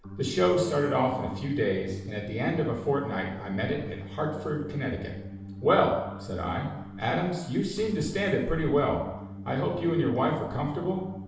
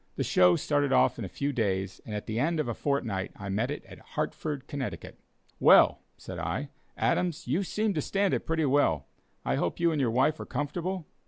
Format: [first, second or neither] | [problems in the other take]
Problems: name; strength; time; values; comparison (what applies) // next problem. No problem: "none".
second | background sound (Organ); 12 dB below the speech // room echo; dies away in 0.9 s